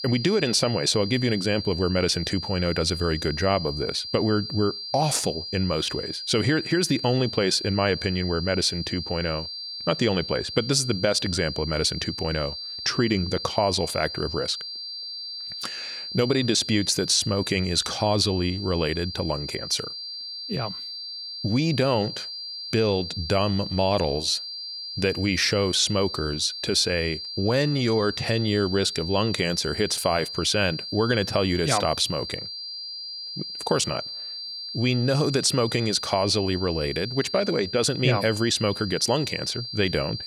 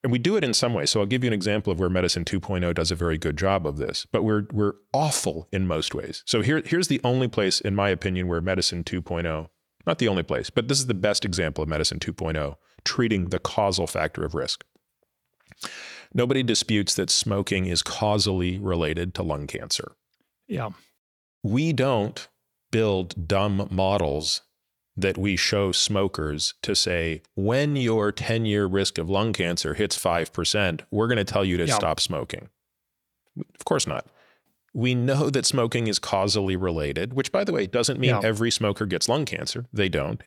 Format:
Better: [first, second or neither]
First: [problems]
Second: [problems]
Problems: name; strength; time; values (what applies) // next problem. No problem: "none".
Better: second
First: high-pitched whine; loud; throughout; 4.5 kHz, 8 dB below the speech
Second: none